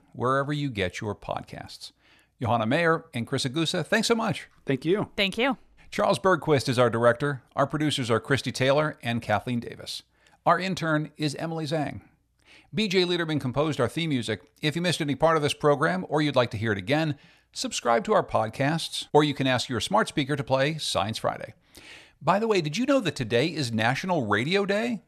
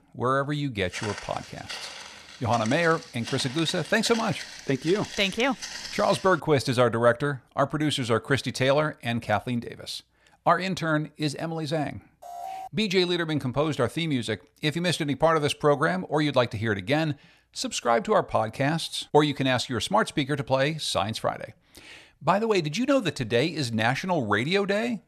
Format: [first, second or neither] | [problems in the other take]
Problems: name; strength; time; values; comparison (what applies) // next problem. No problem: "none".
first | footsteps; noticeable; from 1 to 6.5 s; peak 9 dB below the speech // alarm; faint; at 12 s; peak 10 dB below the speech